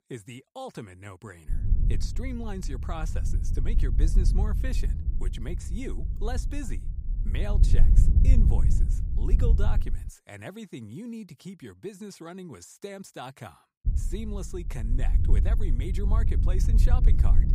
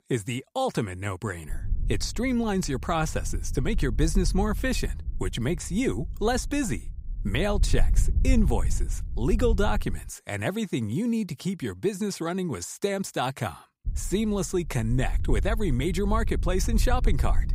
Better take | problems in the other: second | low rumble; loud; from 1.5 to 10 s and from 14 s on; 4 dB below the speech; faint in the second

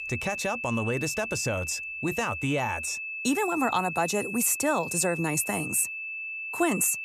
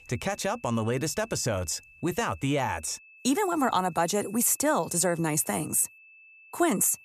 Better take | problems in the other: second | high-pitched whine; loud; throughout; 2.5 kHz, 5 dB below the speech; faint in the second

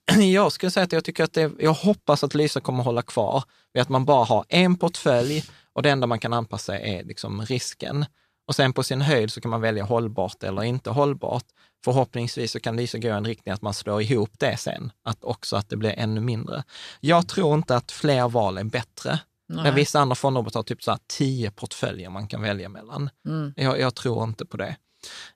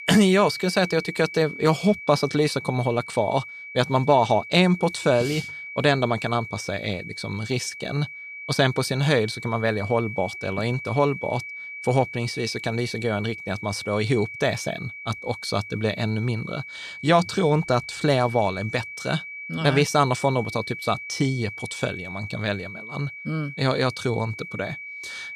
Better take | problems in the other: first | high-pitched whine; noticeable; throughout; 2.5 kHz, 10 dB below the speech

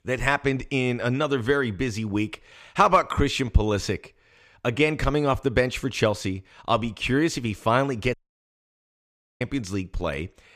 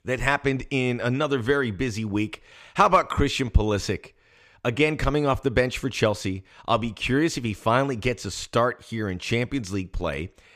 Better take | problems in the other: second | audio cutting out; at 8 s for 1.5 s

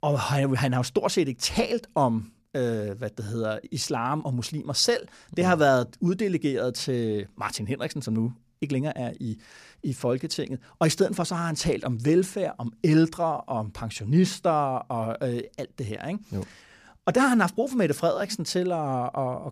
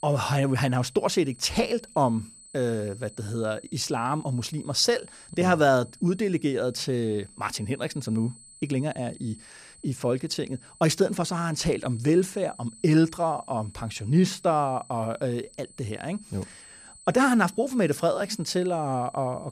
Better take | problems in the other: first | high-pitched whine; faint; throughout; 8 kHz, 20 dB below the speech

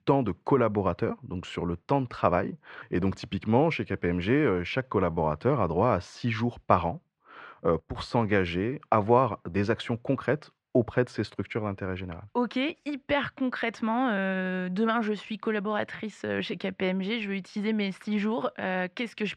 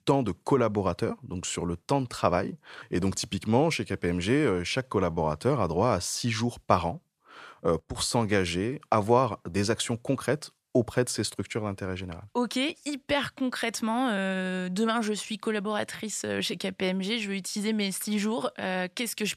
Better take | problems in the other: second | muffled; slightly; fading above 2 kHz

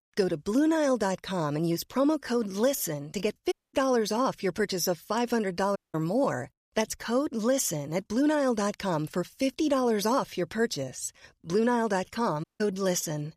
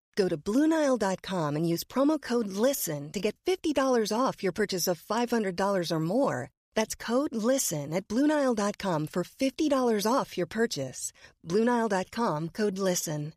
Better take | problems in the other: second | audio cutting out; at 3.5 s, at 6 s and at 12 s

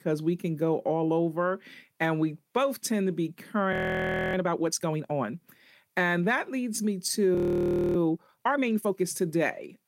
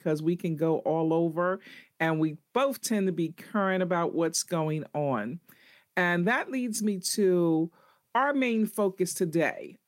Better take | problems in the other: second | audio freezing; at 3.5 s for 0.5 s and at 7.5 s for 0.5 s

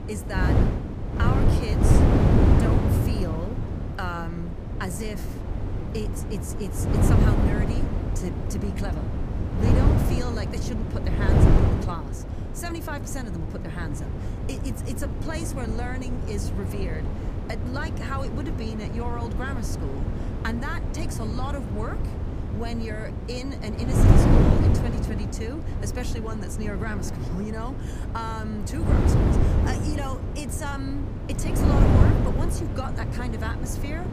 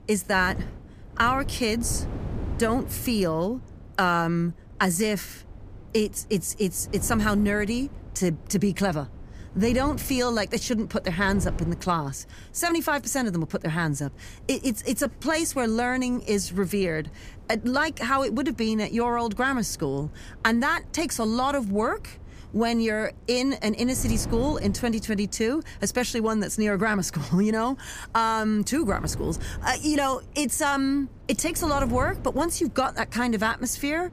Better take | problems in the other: second | wind noise on the microphone; heavy; 2 dB above the speech; occasional gusts in the second

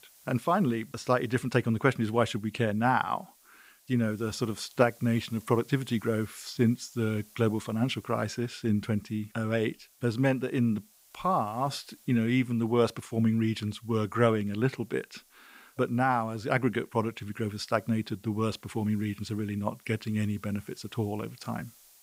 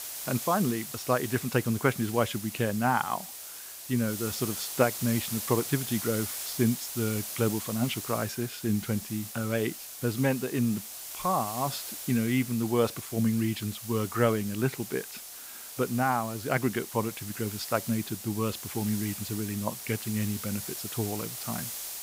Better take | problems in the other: first | hiss; loud; throughout; 7 dB below the speech; faint in the first

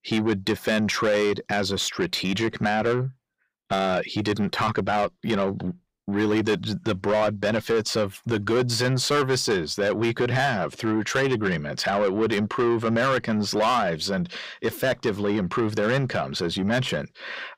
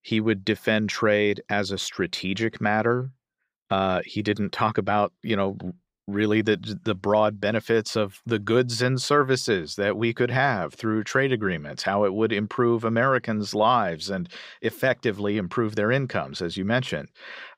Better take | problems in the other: second | distortion; heavy; 8 dB below the speech

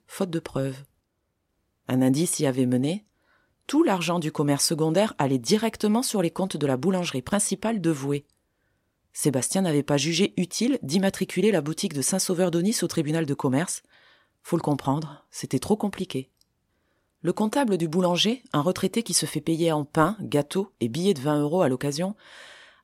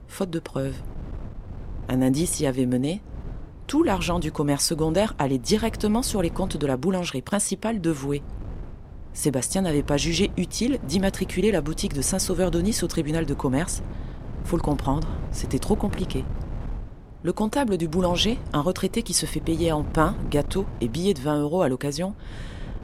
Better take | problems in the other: first | wind noise on the microphone; occasional gusts; 20 dB below the speech

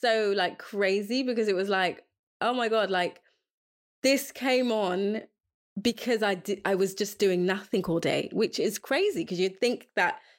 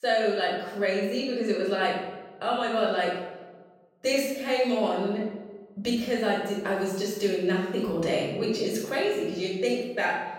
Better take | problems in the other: first | off-mic speech; far // room echo; noticeable; dies away in 1 s

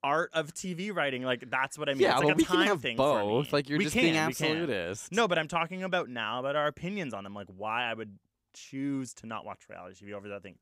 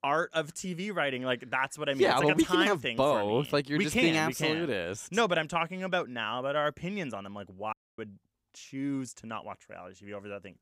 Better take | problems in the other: first | audio cutting out; at 7.5 s

